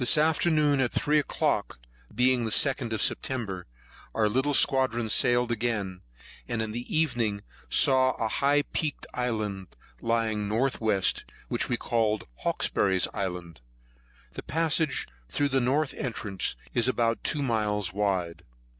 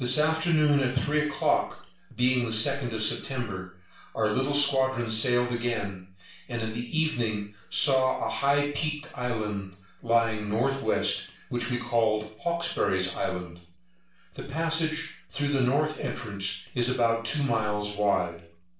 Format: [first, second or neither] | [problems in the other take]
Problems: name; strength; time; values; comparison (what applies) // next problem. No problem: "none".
first | room echo; dies away in 0.4 s